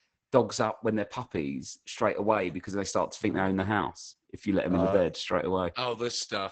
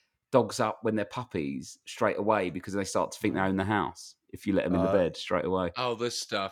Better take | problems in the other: second | garbled, watery; badly; nothing above 8 kHz

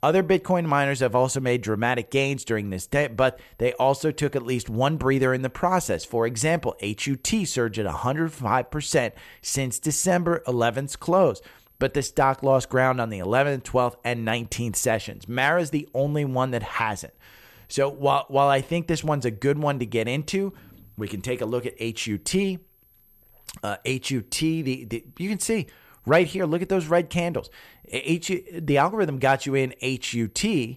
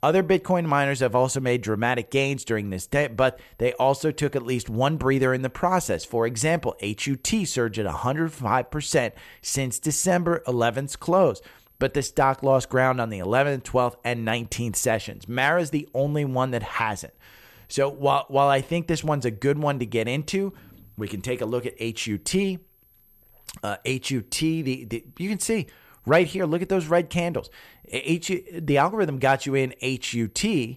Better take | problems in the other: neither | none

